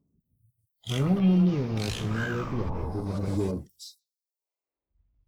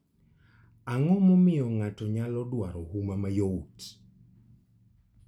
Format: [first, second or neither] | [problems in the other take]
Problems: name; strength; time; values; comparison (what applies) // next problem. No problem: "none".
second | noise reduction (neural mask model Resemble Enhance denoiser)